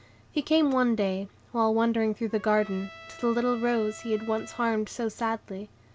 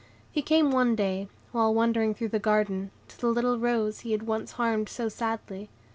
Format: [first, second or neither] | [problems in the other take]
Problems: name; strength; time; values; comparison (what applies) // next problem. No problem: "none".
second | background sound (Trumpet); 20 dB below the speech